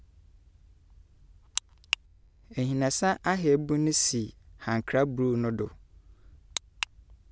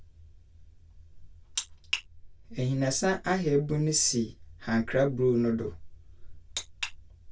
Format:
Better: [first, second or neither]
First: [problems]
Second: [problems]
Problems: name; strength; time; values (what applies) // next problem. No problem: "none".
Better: first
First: none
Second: room echo; dies away in 0.2 s